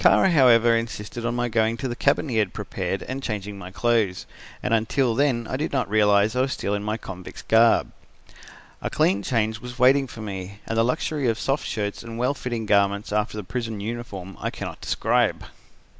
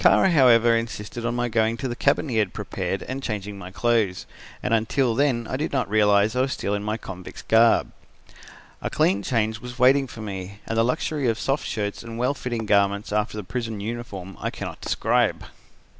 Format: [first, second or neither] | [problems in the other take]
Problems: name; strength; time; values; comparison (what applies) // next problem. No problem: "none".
first | background sound (Tap / Hammer); 19 dB below the speech